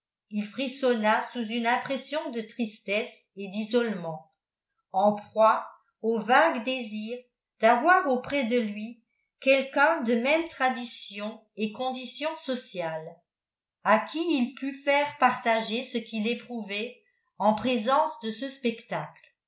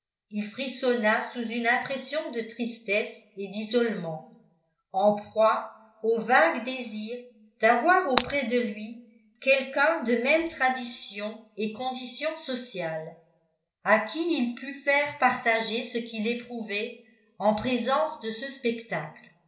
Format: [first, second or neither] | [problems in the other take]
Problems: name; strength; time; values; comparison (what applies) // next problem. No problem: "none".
first | background sound (Shatter); 9 dB below the speech // room echo; dies away in 0.5 s